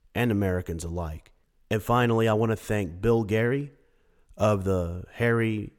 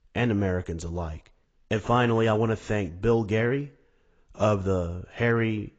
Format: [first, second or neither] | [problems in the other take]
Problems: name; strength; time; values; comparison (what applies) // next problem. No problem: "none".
first | garbled, watery; badly; nothing above 7.5 kHz